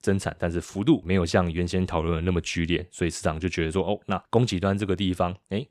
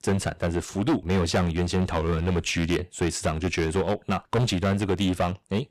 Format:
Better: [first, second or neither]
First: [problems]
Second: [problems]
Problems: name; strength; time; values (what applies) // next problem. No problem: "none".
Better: first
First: none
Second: distortion; heavy; 12% of the sound clipped